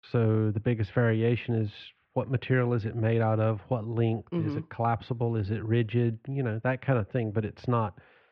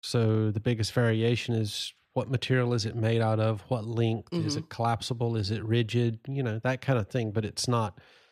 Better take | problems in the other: second | muffled; very; fading above 2.5 kHz

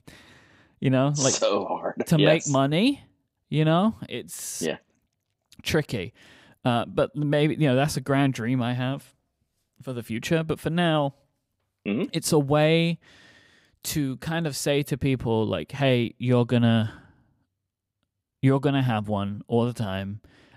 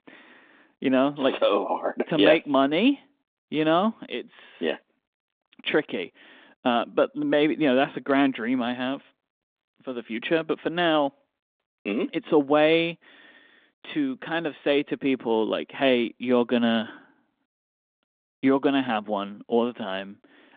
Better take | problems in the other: first | phone-call audio

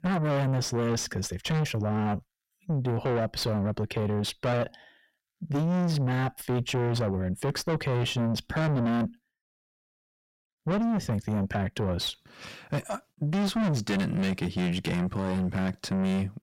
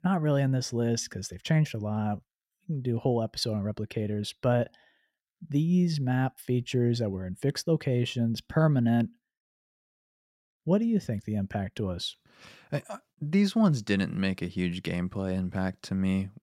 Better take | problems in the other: second | distortion; heavy; 5 dB below the speech

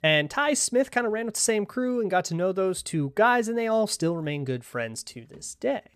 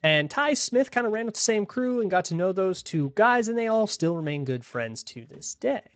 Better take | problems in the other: first | garbled, watery; slightly; nothing above 7.5 kHz

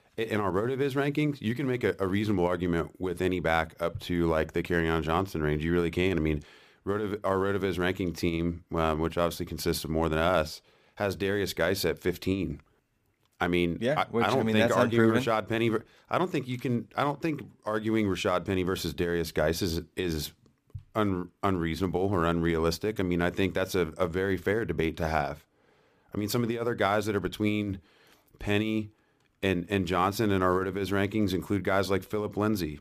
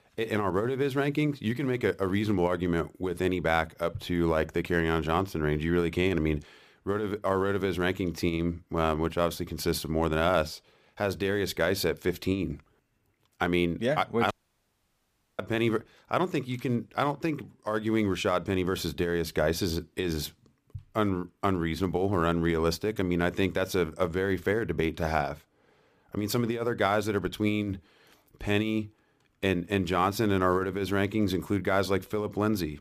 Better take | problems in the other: first | audio cutting out; at 14 s for 1 s

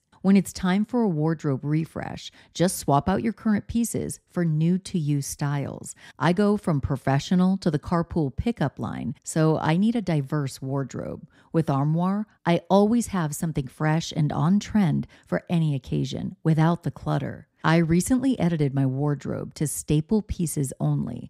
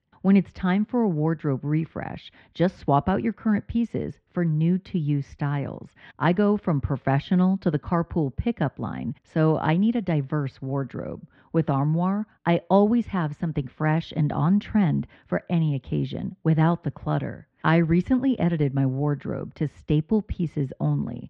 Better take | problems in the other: first | muffled; very; fading above 3 kHz

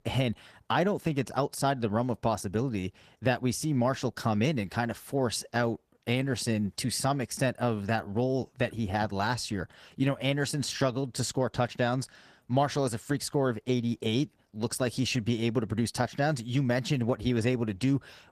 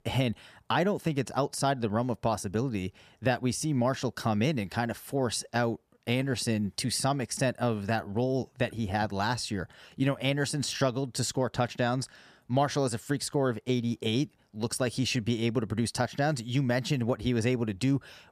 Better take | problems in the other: second | garbled, watery; slightly; nothing above 12 kHz

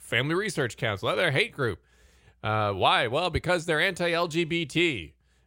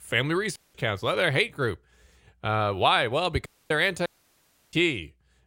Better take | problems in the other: first | audio cutting out; at 0.5 s, at 3.5 s and at 4 s for 0.5 s

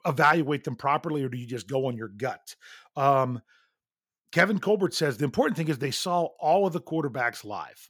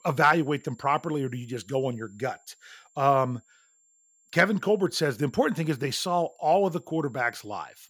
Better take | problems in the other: first | high-pitched whine; faint; throughout; 7.5 kHz, 35 dB below the speech

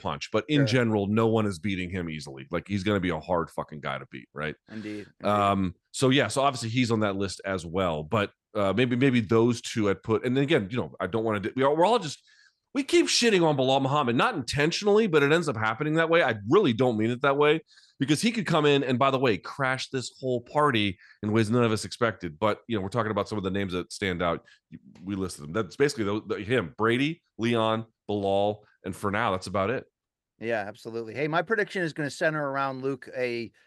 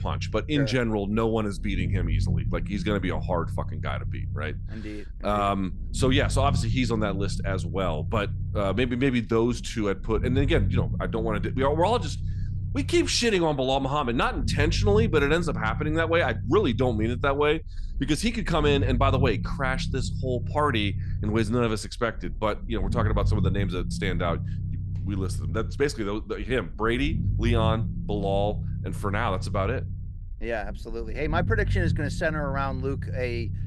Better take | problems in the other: first | low rumble; noticeable; throughout; 15 dB below the speech

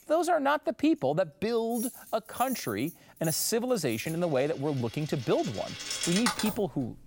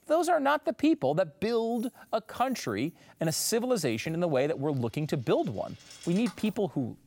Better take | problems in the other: second | household noises; loud; throughout; 6 dB below the speech; faint in the second

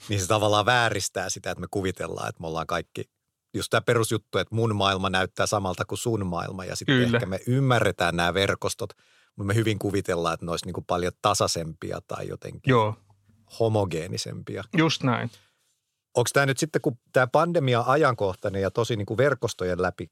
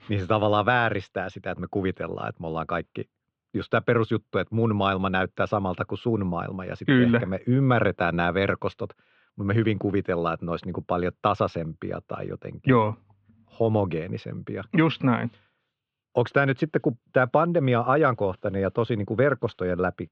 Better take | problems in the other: first | muffled; very; fading above 3 kHz

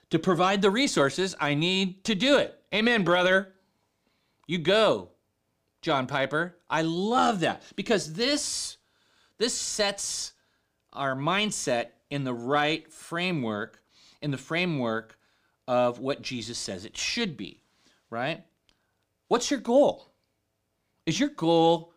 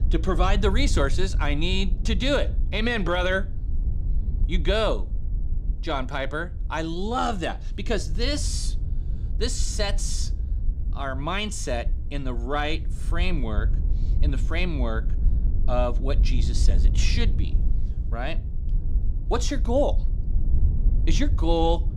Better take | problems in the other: first | wind noise on the microphone; occasional gusts; 20 dB below the speech

